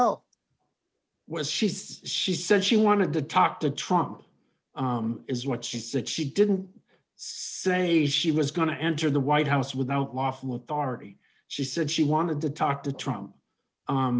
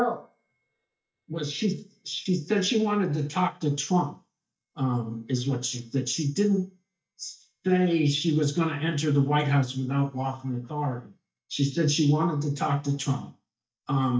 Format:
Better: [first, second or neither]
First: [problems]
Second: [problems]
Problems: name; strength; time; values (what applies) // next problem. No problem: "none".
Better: first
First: none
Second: noise reduction (neural mask model DeepFilterNet 3)